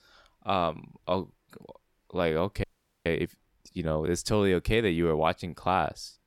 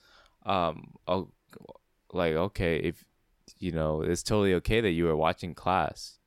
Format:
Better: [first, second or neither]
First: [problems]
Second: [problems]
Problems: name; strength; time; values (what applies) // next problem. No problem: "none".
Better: second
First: audio freezing; at 2.5 s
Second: none